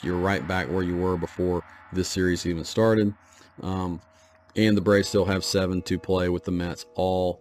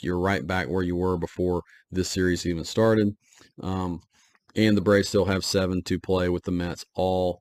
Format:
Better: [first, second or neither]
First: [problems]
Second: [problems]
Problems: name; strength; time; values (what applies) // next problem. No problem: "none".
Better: second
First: background music; faint; throughout; 25 dB below the speech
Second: none